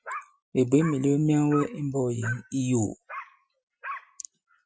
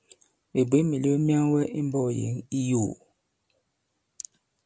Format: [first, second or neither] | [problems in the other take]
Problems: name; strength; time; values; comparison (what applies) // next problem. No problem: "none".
second | noise reduction (classical method Wiener filter)